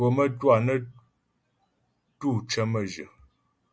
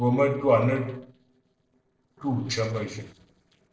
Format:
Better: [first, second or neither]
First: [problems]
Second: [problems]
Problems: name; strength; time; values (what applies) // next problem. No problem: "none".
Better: first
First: none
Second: noise reduction (neural separator model SepFormer DNS4)